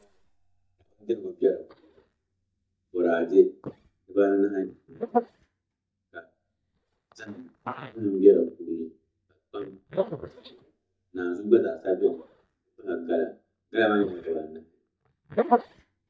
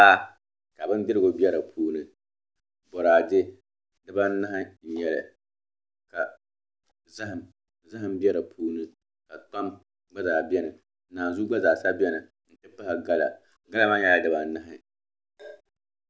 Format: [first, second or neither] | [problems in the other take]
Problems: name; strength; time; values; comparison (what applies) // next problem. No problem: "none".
second | noise reduction (neural mask model DeepFilterNet 3)